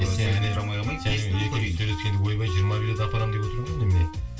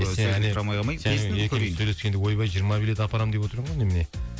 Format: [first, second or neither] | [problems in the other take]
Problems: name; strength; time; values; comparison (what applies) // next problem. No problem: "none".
second | background sound (Wind instrument, woodwind instrument); 13 dB below the speech // room echo; dies away in 0.2 s